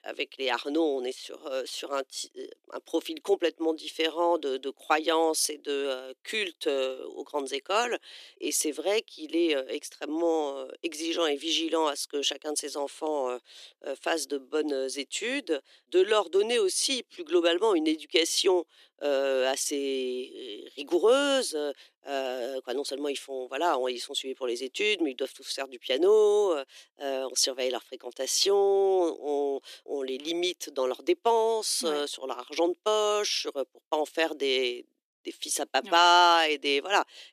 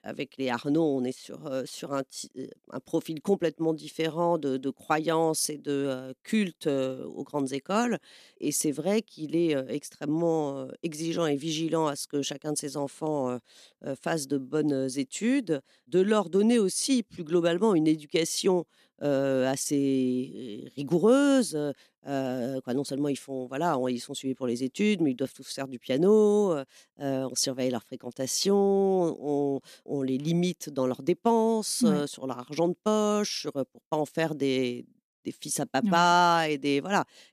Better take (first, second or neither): second